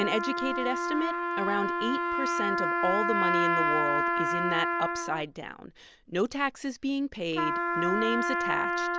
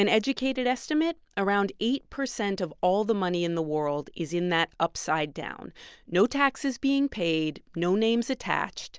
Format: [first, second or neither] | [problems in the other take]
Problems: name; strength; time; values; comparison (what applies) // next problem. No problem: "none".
second | background sound (Trumpet); 2 dB above the speech